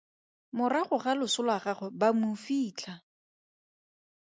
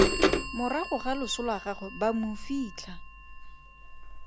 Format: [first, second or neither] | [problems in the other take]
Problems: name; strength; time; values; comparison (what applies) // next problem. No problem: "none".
first | background sound (Bird vocalization, bird call, bird song / Telephone); 2 dB above the speech